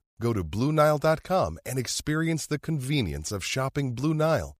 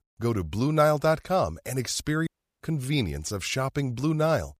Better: first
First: none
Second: audio cutting out; at 2.5 s

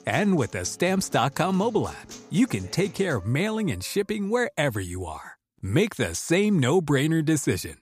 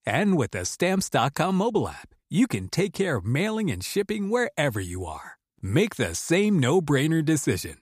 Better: second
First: background music; faint; until 4.5 s; 20 dB below the speech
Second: none

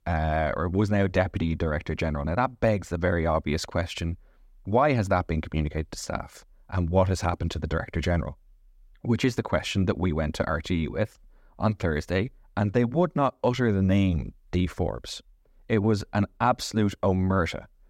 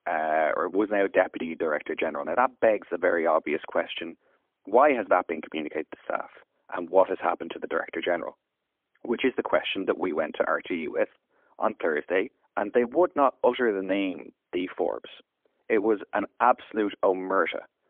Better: first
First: none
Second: phone-call audio; poor line; nothing above 3.5 kHz

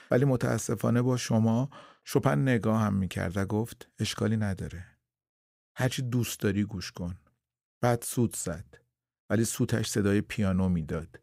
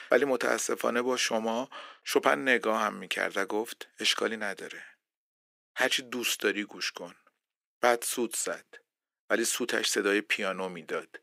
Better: first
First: none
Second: thin; very; fading below 300 Hz

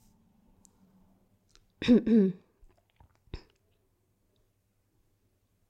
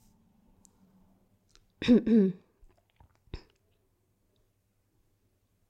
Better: neither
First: none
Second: none

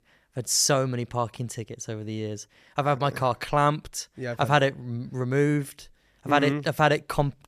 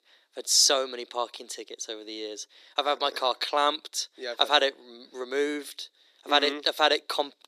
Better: first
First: none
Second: thin; somewhat; fading below 300 Hz

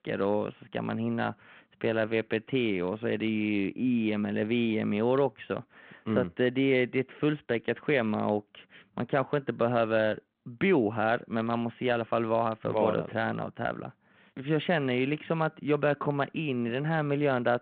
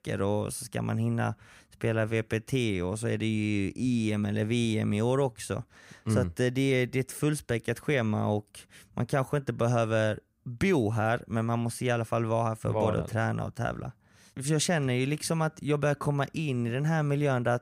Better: second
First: phone-call audio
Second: none

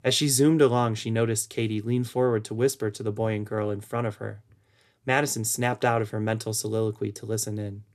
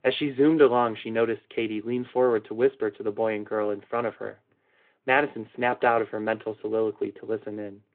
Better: first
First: none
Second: phone-call audio; nothing above 3.5 kHz

